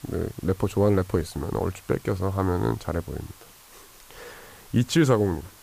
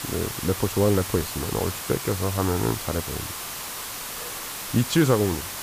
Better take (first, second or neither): first